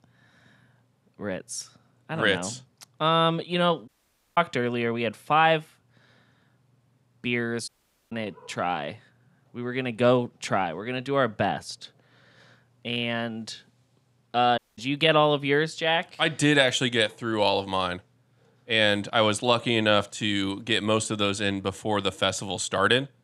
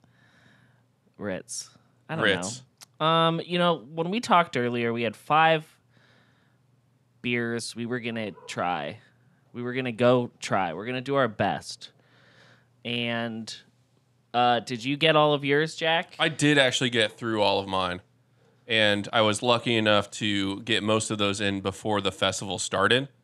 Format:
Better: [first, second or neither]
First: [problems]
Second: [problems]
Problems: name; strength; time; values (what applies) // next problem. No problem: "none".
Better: second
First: audio cutting out; at 4 s, at 7.5 s and at 15 s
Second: none